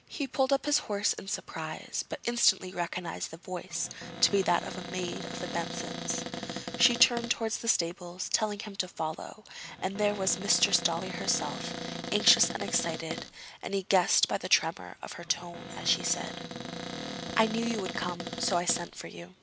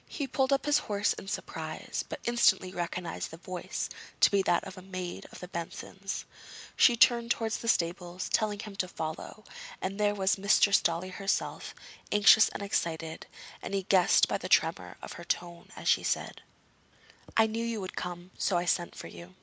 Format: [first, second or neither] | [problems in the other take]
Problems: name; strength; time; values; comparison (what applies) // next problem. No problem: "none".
second | background sound (Cupboard open or close); 7 dB below the speech